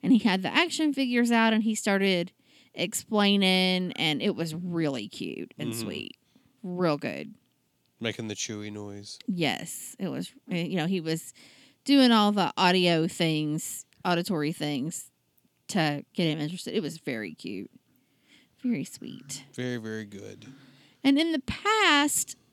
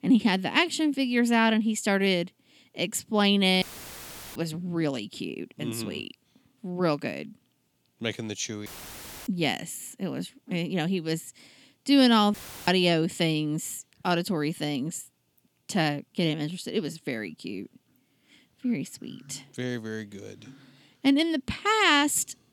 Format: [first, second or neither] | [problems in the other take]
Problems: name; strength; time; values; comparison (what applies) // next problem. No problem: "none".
first | audio cutting out; filled with static; at 3.5 s for 0.5 s, at 8.5 s for 0.5 s and at 12 s